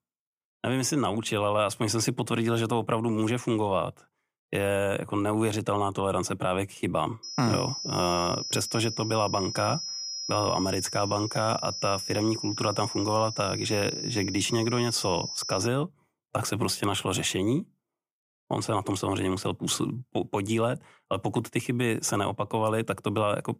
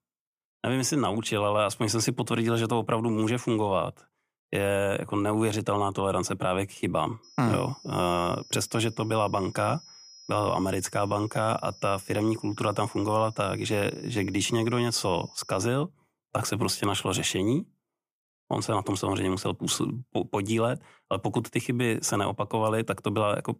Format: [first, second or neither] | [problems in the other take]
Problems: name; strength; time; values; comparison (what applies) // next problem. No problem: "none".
second | high-pitched whine; loud; from 7 to 16 s; 5.5 kHz, 5 dB below the speech; faint in the second